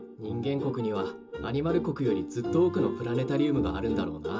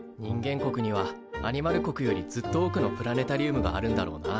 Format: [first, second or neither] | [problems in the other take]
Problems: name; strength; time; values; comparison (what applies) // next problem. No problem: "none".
second | room echo; dies away in 0.2 s